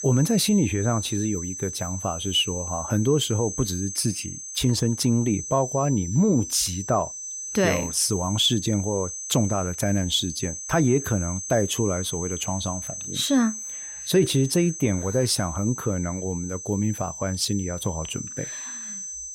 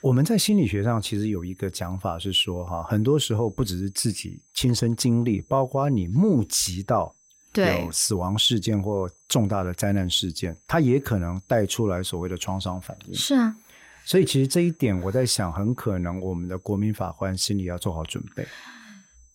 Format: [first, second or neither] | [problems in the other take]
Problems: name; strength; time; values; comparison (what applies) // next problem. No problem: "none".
second | high-pitched whine; loud; throughout; 6.5 kHz, 8 dB below the speech; faint in the second